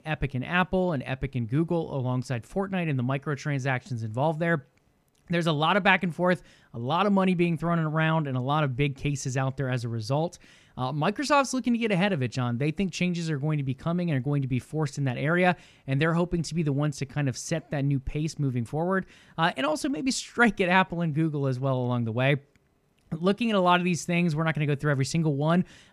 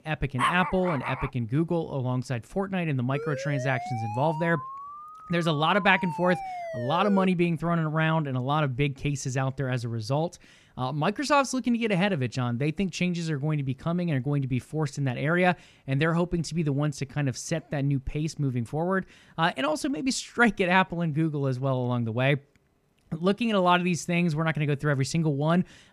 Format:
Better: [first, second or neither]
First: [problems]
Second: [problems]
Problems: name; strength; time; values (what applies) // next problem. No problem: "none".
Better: first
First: none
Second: dog barking; noticeable; at 0.5 s; peak 1 dB below the speech // siren; noticeable; from 3 to 7.5 s; peak 8 dB below the speech